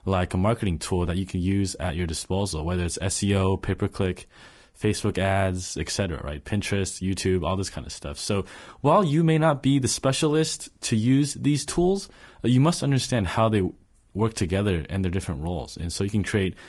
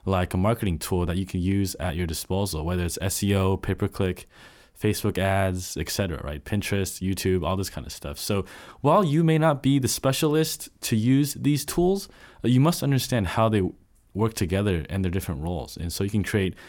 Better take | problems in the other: second | garbled, watery; slightly; nothing above 10.5 kHz

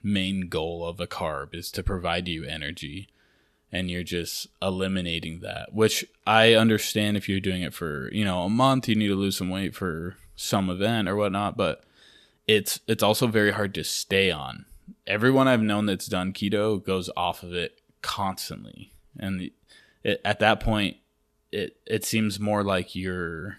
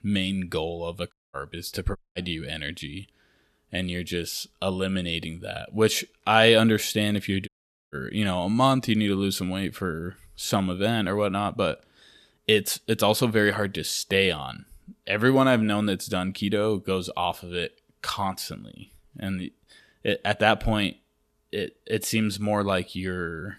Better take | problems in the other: first | audio cutting out; at 1 s, at 2 s and at 7.5 s

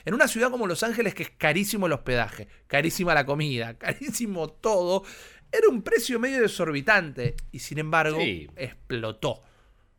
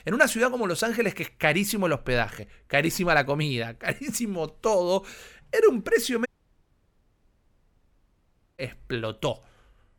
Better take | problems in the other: first | audio cutting out; at 6.5 s for 2.5 s

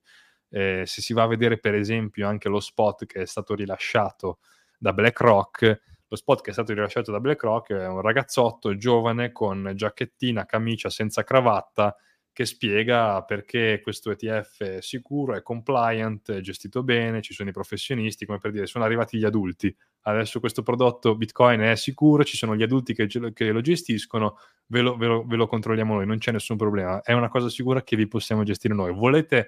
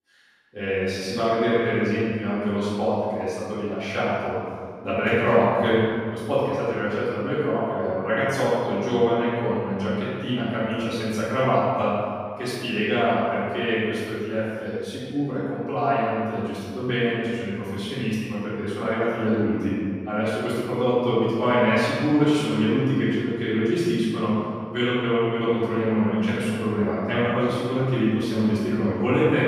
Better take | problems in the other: first | off-mic speech; far // room echo; strong; dies away in 1.9 s

